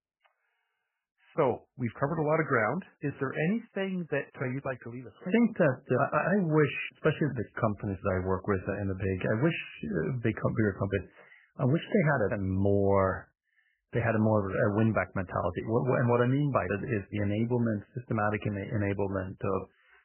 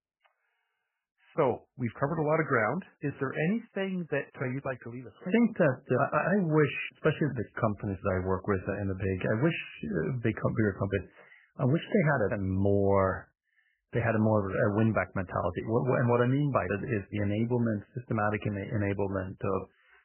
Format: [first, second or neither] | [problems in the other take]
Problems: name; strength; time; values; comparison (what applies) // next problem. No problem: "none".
neither | garbled, watery; badly; nothing above 3 kHz; the same in both